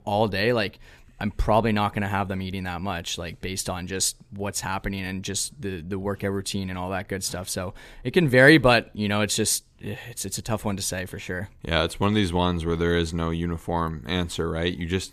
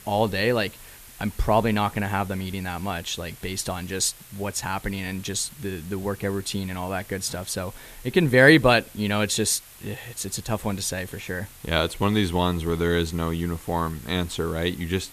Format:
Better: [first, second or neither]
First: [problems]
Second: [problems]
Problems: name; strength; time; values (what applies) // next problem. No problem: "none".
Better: first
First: none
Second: hiss; faint; throughout; 20 dB below the speech